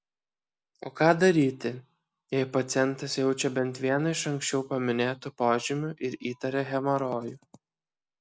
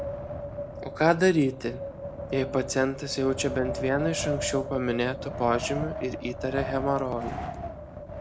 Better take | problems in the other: first | background sound (Wind); 7 dB below the speech

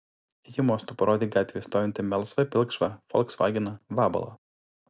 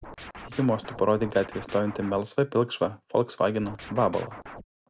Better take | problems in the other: first | background sound (Scratching (performance technique)); 15 dB below the speech

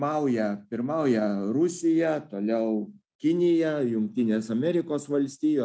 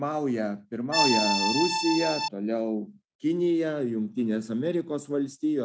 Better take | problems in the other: first | background sound (Accordion); 2 dB above the speech

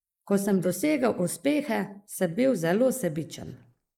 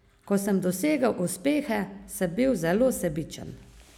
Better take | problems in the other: second | noise reduction (neural mask model Resemble Enhance denoiser)

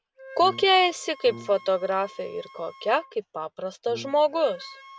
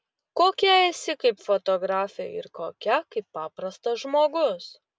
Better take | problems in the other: second | background sound (Wind instrument, woodwind instrument + Brass instrument); 20 dB below the speech

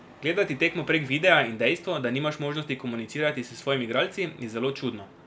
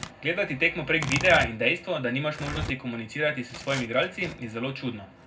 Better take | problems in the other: first | background sound (Tearing); 11 dB below the speech // room echo; dies away in 0.3 s

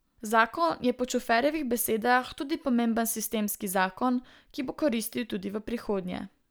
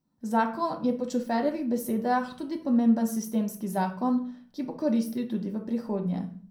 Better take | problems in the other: first | room echo; dies away in 0.5 s

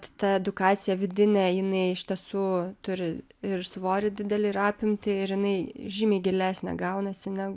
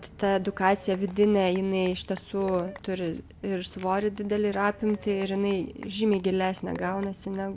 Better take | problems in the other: first | background sound (Applause / Cheering / Clapping + Walk, footsteps); 19 dB below the speech

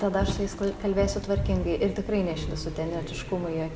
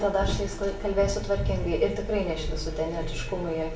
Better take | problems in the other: first | room echo; dies away in 0.2 s

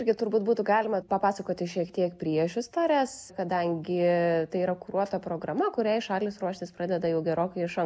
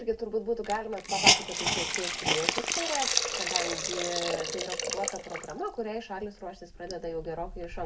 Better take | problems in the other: first | background sound (Hiss); 3 dB above the speech // room echo; dies away in 0.2 s

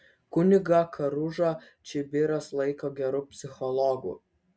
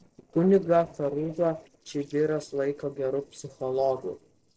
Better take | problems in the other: first | noise reduction (neural separator model SepFormer DNS4)

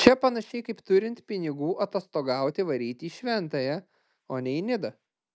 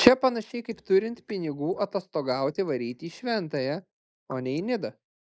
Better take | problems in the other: first | noise reduction (neural mask model Resemble Enhance denoiser)

